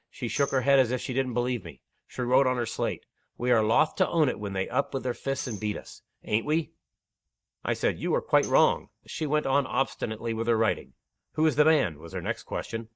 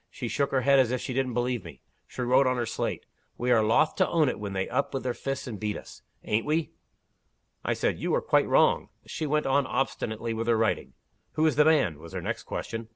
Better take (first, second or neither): second